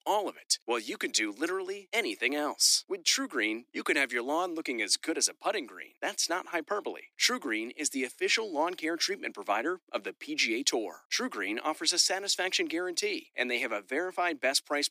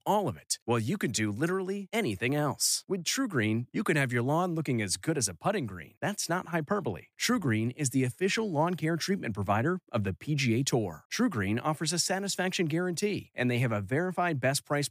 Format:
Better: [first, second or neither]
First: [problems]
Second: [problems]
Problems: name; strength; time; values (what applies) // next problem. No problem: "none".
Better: second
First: thin; somewhat; fading below 300 Hz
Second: none